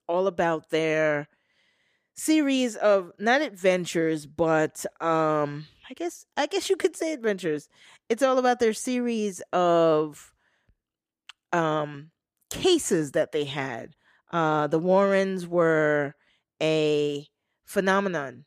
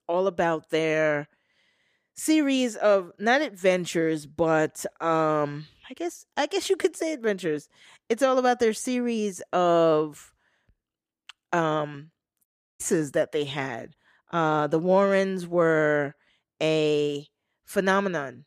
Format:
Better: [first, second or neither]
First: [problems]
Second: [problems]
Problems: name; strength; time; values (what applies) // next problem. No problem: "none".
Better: first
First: none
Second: audio cutting out; at 12 s